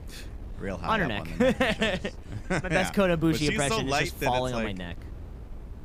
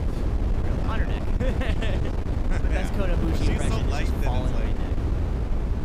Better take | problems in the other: first | wind noise on the microphone; heavy; 2 dB below the speech; occasional gusts in the first

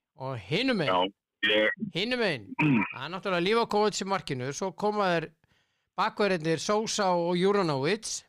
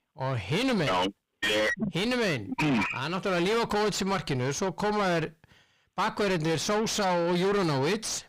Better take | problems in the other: first | distortion; heavy; 6 dB below the speech

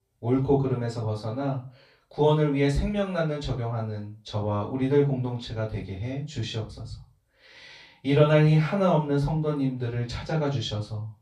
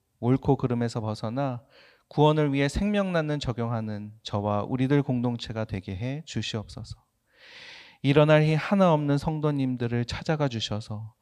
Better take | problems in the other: second | off-mic speech; far // room echo; slight; dies away in 0.3 s

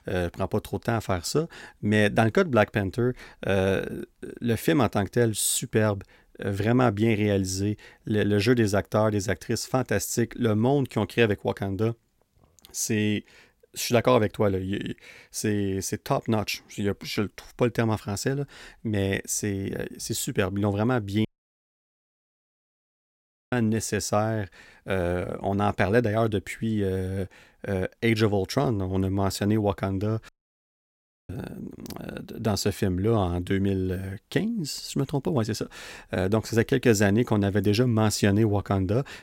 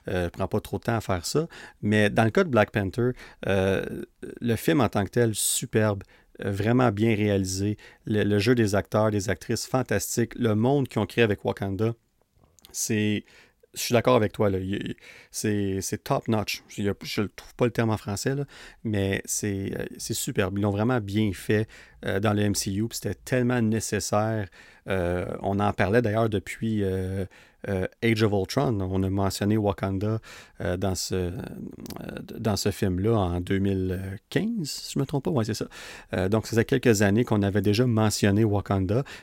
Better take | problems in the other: second | audio cutting out; at 21 s for 2.5 s and at 30 s for 1 s

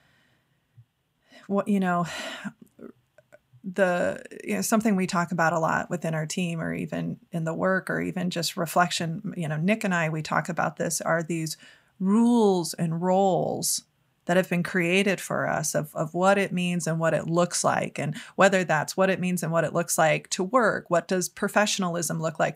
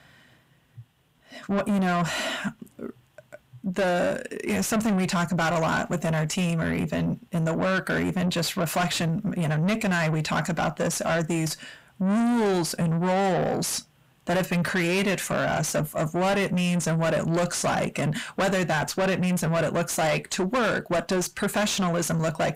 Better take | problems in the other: first | distortion; heavy; 6 dB below the speech

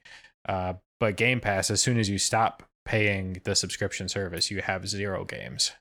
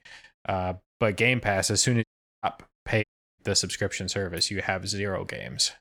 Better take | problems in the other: first | audio cutting out; at 2 s and at 3 s

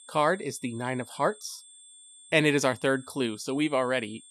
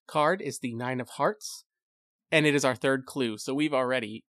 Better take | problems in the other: second | high-pitched whine; faint; throughout; 8.5 kHz, 20 dB below the speech

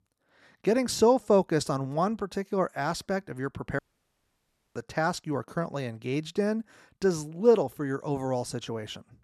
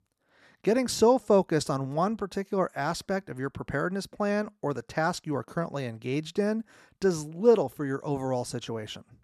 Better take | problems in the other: second | audio cutting out; at 4 s for 1 s

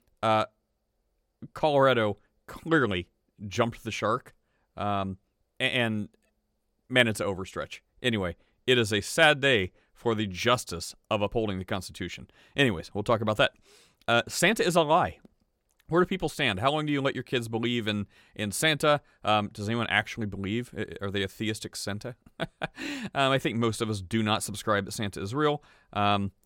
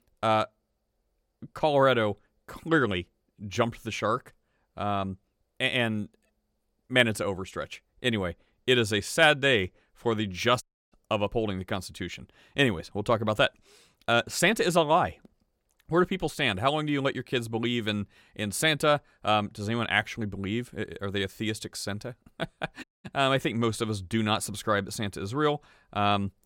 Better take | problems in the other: first | audio cutting out; at 11 s and at 23 s

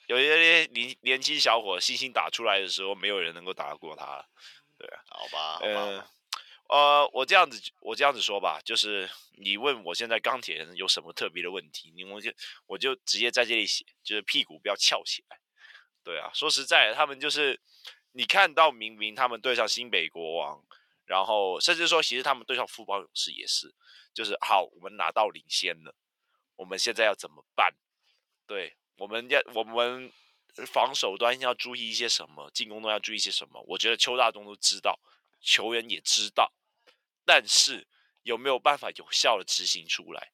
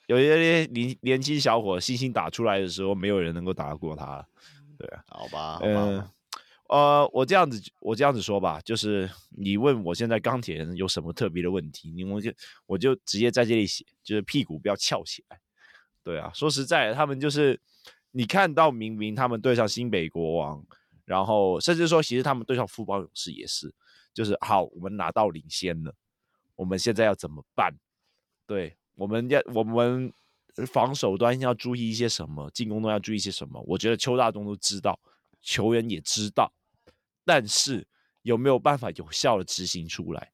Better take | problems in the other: second | thin; very; fading below 650 Hz

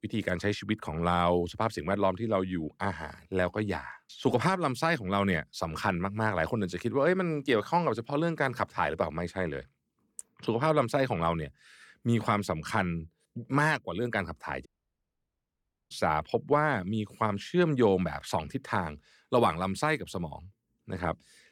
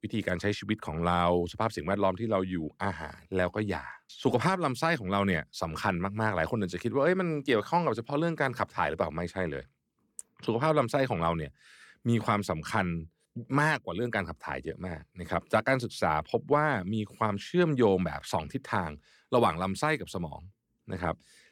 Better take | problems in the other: second | audio cutting out; at 15 s for 1 s

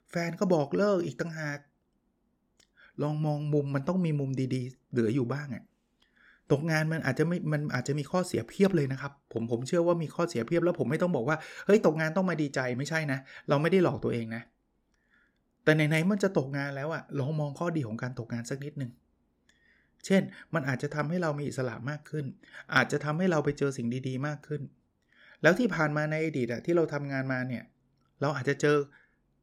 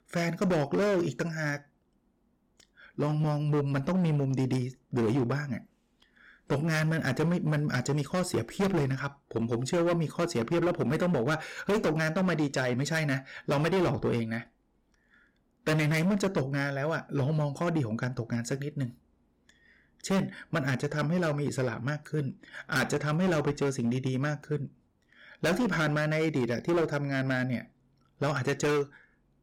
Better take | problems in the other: first | distortion; heavy; 12% of the sound clipped

